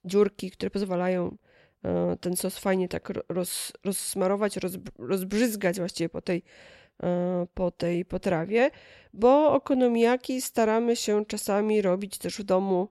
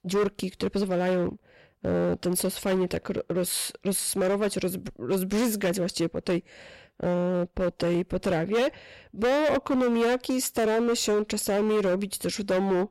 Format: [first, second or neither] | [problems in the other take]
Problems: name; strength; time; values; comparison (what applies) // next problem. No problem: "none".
first | distortion; heavy; 14% of the sound clipped